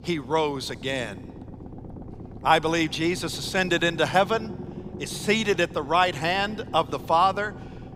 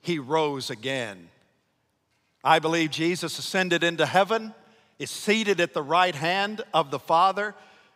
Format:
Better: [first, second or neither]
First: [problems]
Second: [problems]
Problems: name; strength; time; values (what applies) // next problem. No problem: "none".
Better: second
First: low rumble; faint; throughout; 20 dB below the speech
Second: none